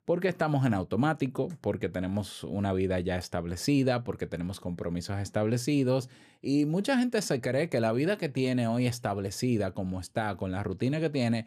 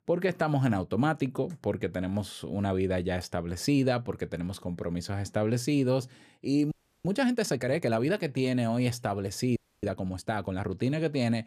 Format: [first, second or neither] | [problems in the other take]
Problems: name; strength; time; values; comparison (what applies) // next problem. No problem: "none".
first | audio freezing; at 6.5 s and at 9.5 s